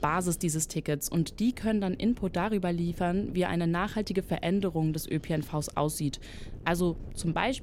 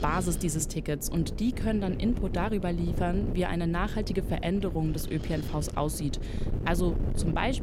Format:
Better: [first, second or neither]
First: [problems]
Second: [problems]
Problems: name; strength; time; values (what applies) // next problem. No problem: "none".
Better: first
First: wind noise on the microphone; occasional gusts; 25 dB below the speech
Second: wind noise on the microphone; heavy; 10 dB below the speech